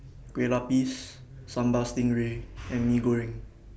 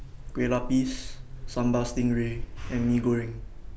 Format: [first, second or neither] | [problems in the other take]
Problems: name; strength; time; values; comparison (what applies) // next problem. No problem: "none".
first | background sound (Rain); 8 dB below the speech